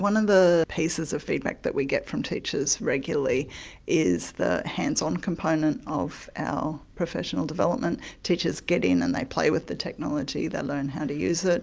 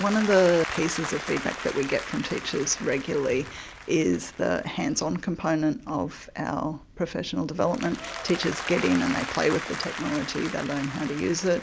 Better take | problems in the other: first | background sound (Applause); 10 dB below the speech

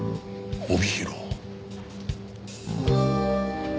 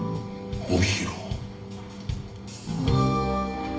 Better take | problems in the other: first | room echo; dies away in 0.8 s

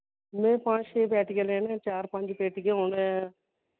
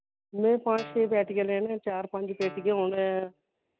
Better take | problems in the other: first | background sound (Guitar); 18 dB below the speech

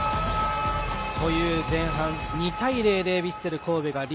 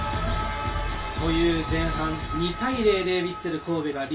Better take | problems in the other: first | room echo; dies away in 0.2 s

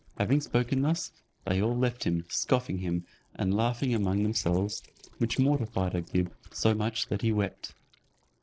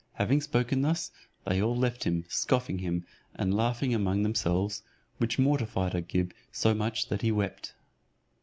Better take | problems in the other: second | noise reduction (neural separator model SepFormer DNS4)

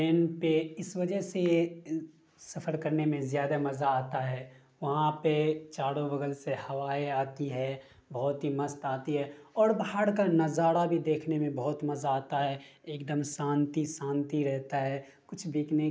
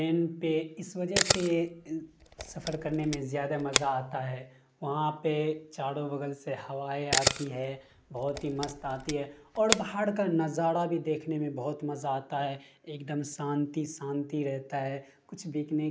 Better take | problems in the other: first | background sound (Camera); 2 dB below the speech

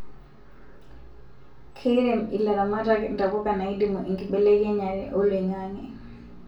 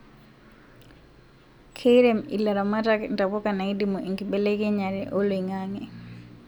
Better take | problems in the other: second | room echo; dies away in 0.4 s

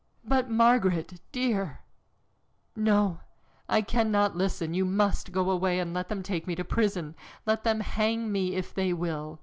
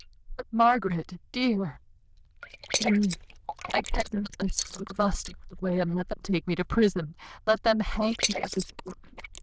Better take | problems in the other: first | noise reduction (neural diffusion model UNIVERSE++)

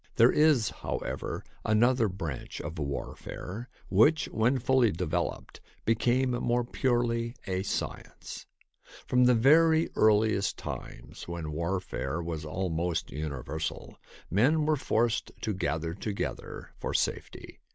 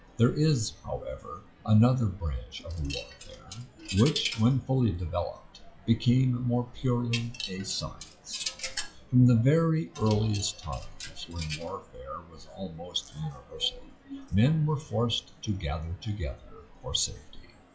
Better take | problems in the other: first | noise reduction (classical method WPE with log-MMSE)

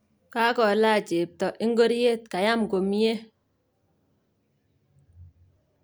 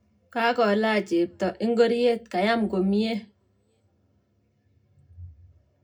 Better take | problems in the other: first | room echo; dies away in 0.2 s

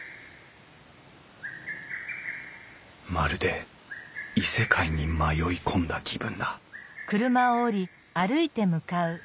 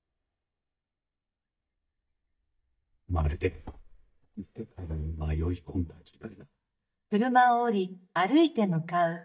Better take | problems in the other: first | noise reduction (neural mask model DeepFilterNet 3)

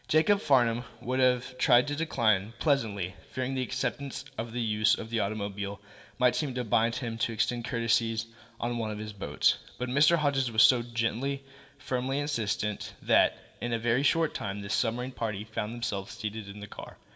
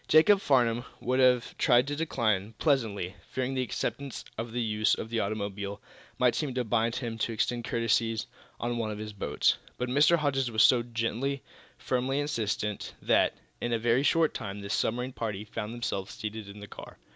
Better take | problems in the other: second | room echo; dies away in 0.4 s

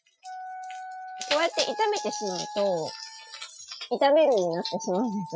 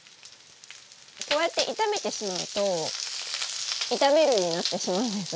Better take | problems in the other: second | noise reduction (classical method Wiener filter)

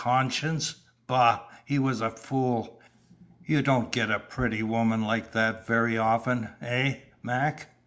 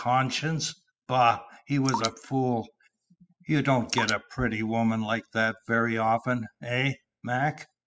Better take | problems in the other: first | noise reduction (classical method spectral subtraction)

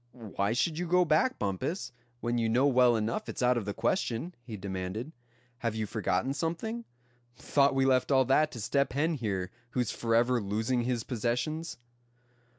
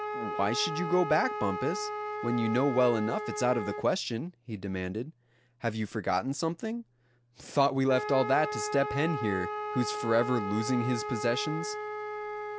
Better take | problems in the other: first | background sound (Wind instrument, woodwind instrument); 6 dB below the speech

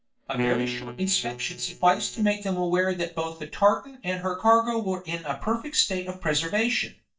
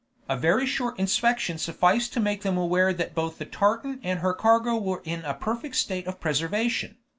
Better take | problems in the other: second | noise reduction (neural mask model DeepFilterNet 3)

